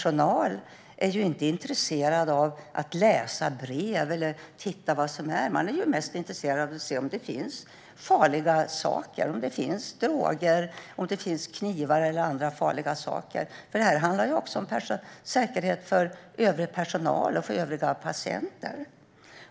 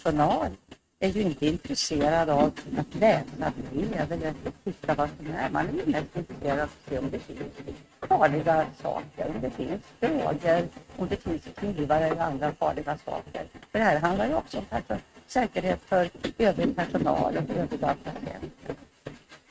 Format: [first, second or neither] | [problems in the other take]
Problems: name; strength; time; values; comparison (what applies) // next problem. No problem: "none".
first | noise reduction (neural mask model RNNoise)